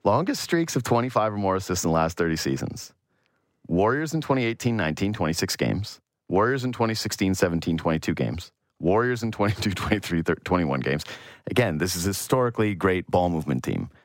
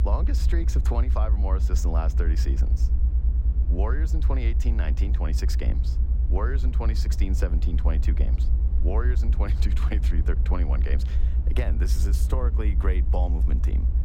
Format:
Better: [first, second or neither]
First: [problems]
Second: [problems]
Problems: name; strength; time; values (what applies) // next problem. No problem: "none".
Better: first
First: none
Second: low rumble; loud; throughout; 7 dB below the speech